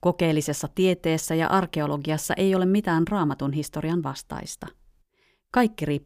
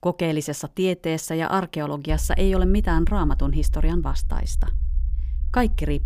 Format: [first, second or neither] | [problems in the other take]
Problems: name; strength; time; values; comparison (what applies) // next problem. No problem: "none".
first | low rumble; faint; from 2 s on; 25 dB below the speech